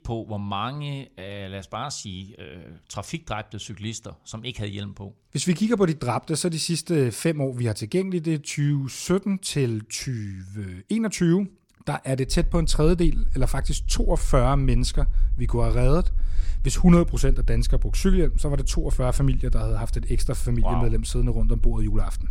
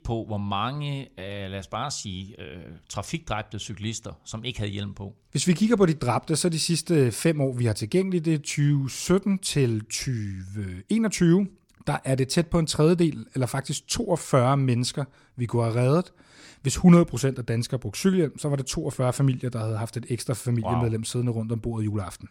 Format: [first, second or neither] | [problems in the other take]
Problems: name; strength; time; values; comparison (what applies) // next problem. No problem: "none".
second | low rumble; faint; from 12 s on; 25 dB below the speech